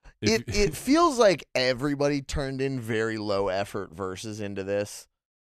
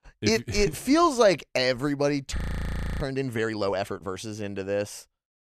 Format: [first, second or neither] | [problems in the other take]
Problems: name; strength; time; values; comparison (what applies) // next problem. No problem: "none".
first | audio freezing; at 2.5 s for 0.5 s